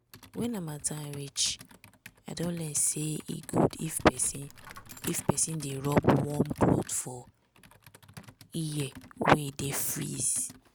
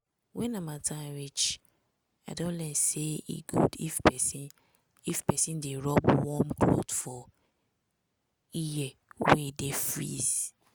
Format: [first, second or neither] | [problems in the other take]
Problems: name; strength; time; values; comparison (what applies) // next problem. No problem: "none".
second | background sound (Computer keyboard + Coin (dropping)); 19 dB below the speech